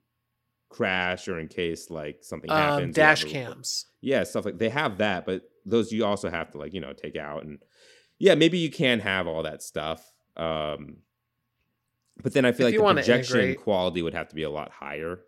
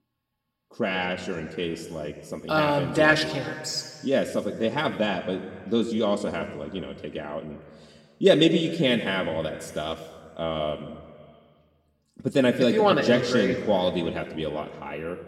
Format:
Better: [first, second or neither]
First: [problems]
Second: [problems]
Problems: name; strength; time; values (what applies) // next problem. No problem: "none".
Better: first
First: none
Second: room echo; slight; dies away in 1.5 s // off-mic speech; somewhat distant